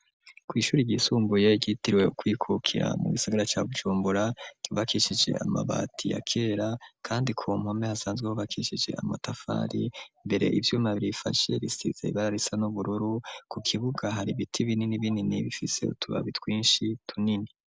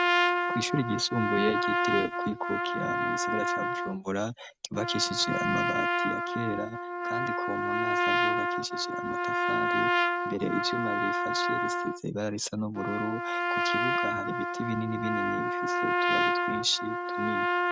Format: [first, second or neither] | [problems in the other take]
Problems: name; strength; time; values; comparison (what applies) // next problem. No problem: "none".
first | noise reduction (neural mask model RNNoise)